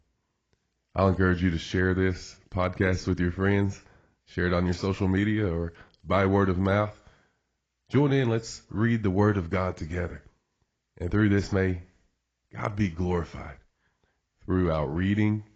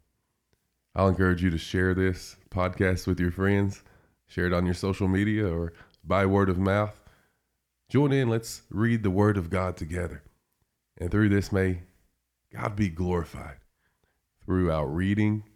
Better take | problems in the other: second | garbled, watery; badly; nothing above 16 kHz

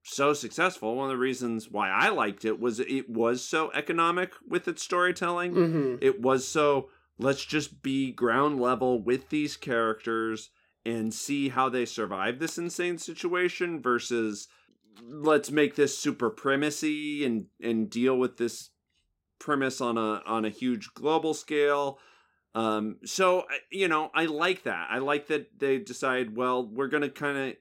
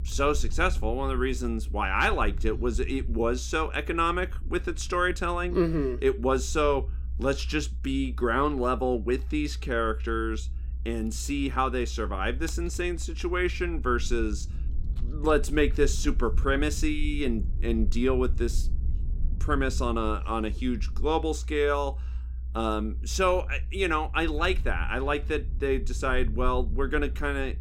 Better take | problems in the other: first | low rumble; faint; throughout; 25 dB below the speech

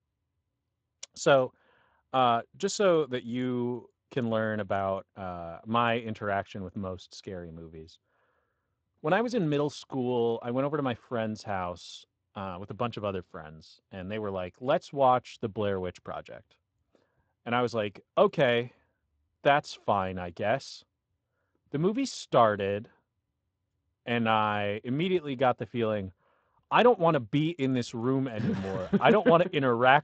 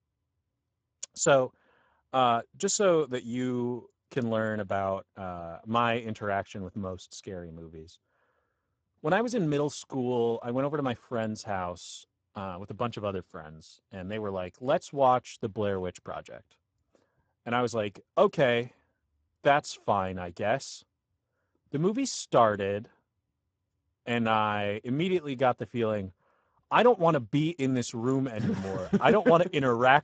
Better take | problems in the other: first | garbled, watery; badly; nothing above 7.5 kHz; slightly in the first

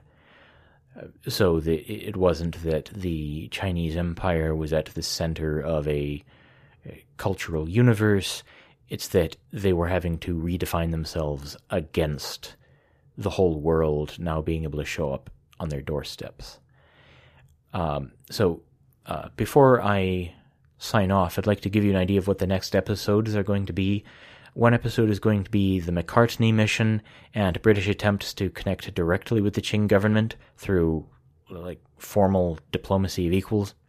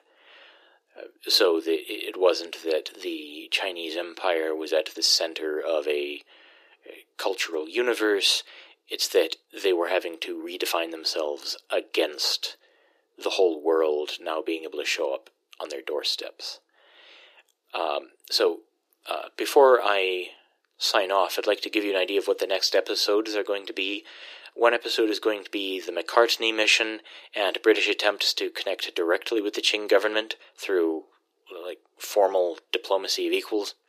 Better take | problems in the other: first | thin; very; fading below 350 Hz

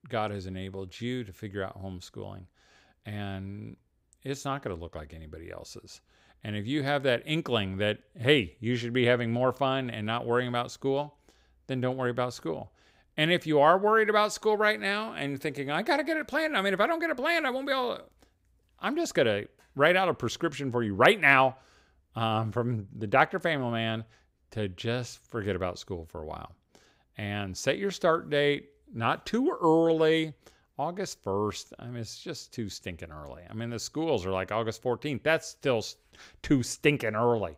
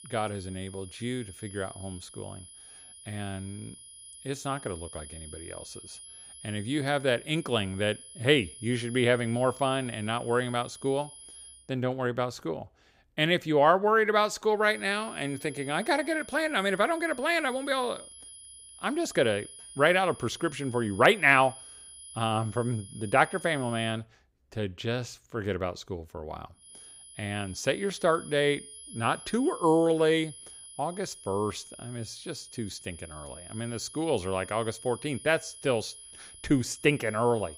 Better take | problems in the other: first | high-pitched whine; noticeable; until 12 s, from 15 to 24 s and from 27 s on; 10.5 kHz, 15 dB below the speech

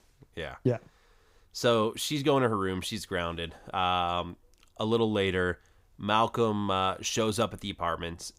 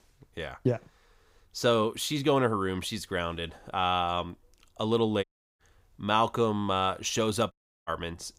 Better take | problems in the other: first | audio cutting out; at 5 s and at 7.5 s

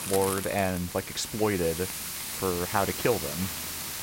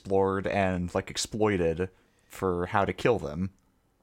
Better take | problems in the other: second | hiss; loud; throughout; 4 dB below the speech

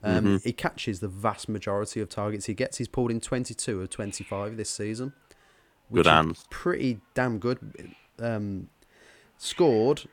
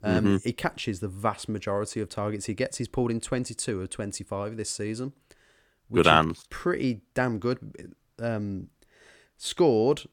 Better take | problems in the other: second | hiss; faint; throughout; 25 dB below the speech

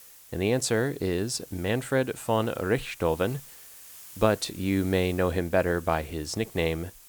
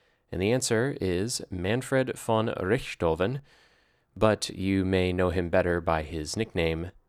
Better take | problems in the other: second | hiss; noticeable; throughout; 20 dB below the speech

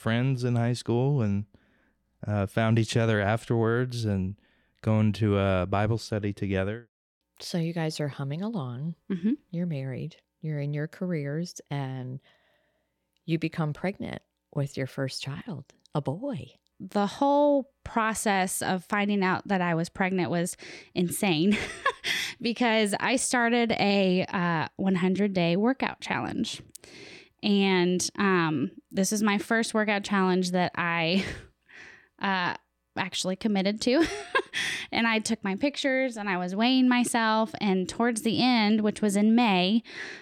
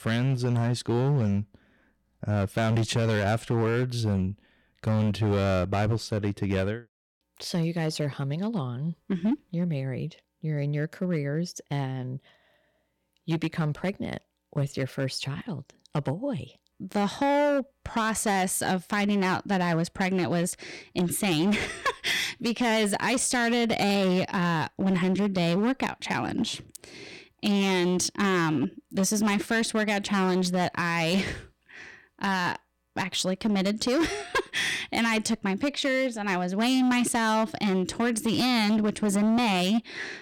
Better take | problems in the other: first | distortion; slight; 12% of the sound clipped

